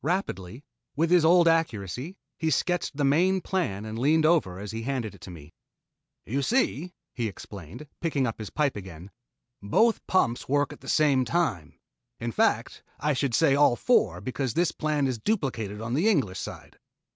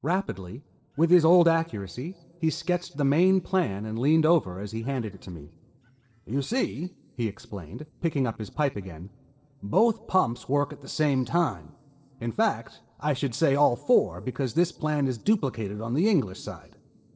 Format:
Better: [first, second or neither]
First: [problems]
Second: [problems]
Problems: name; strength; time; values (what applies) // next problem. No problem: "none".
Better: first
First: none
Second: noise reduction (neural separator model SepFormer DNS4)